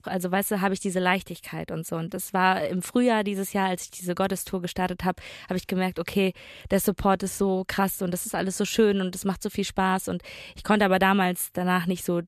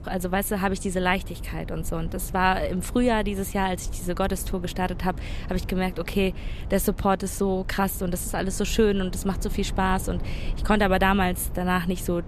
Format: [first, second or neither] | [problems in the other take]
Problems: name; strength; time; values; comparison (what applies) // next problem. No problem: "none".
first | low rumble; faint; throughout; 20 dB below the speech